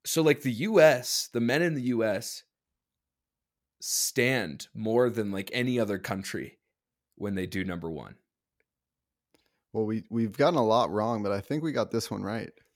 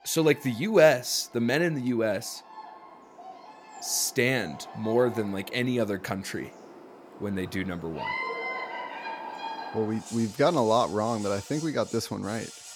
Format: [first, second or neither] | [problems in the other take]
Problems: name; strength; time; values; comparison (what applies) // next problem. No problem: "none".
first | animal sounds; noticeable; throughout; 15 dB below the speech